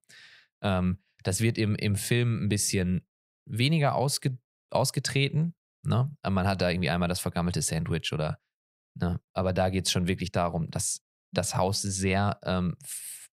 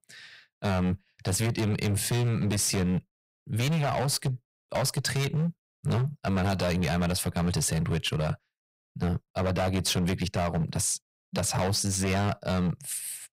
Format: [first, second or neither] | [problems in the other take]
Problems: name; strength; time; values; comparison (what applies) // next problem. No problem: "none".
first | distortion; heavy; 21% of the sound clipped